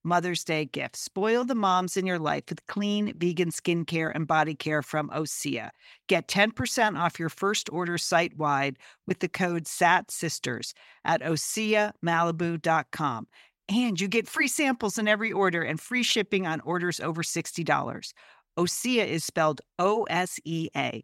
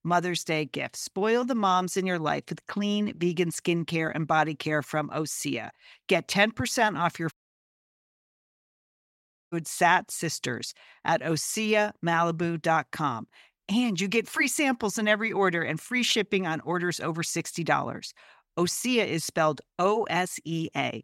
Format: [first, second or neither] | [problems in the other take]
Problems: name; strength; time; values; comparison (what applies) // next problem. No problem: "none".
first | audio cutting out; at 7.5 s for 2 s